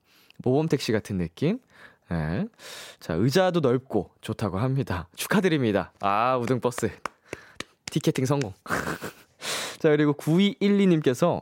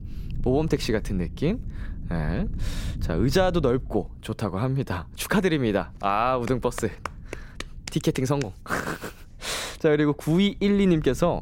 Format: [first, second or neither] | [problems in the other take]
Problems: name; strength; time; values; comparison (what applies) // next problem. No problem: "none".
first | low rumble; faint; throughout; 25 dB below the speech